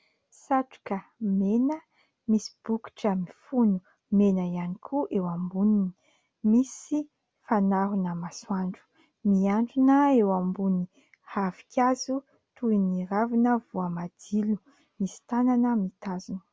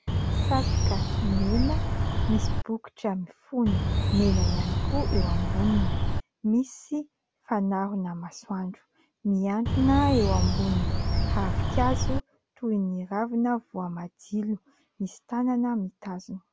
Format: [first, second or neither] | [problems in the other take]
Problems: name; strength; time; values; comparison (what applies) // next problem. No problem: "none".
first | background sound (Bird); 4 dB above the speech